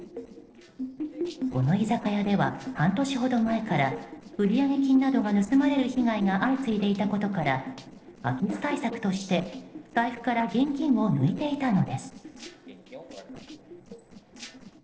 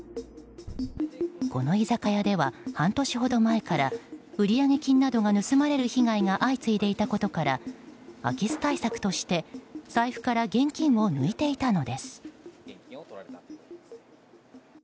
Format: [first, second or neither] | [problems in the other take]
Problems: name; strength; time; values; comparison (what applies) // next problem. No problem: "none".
second | noise reduction (neural separator model SepFormer DNS4)